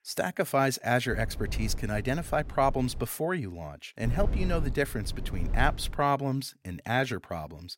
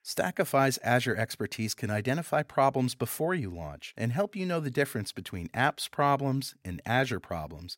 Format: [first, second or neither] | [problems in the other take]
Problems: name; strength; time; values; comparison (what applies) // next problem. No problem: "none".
second | low rumble; noticeable; from 1 to 3 s and from 4 to 6 s; 20 dB below the speech